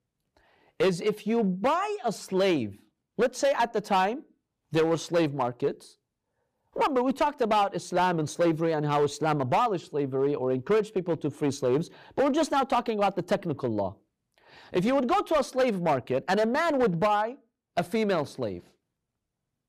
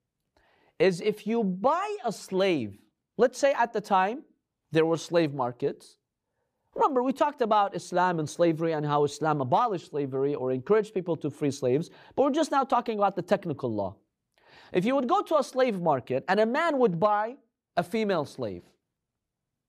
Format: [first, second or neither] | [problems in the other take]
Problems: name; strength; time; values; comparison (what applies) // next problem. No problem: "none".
second | distortion; slight; 6% of the sound clipped